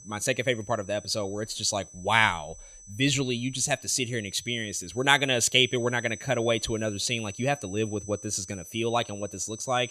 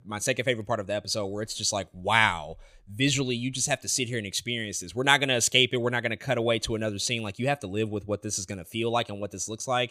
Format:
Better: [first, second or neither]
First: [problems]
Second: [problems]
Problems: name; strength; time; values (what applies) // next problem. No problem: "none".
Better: second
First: high-pitched whine; noticeable; throughout; 6 kHz, 15 dB below the speech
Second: none